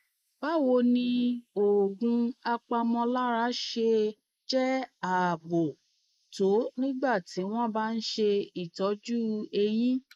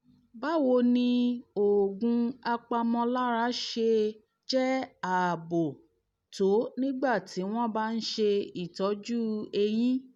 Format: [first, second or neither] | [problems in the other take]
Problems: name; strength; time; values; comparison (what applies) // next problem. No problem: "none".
second | noise reduction (neural mask model Resemble Enhance denoiser)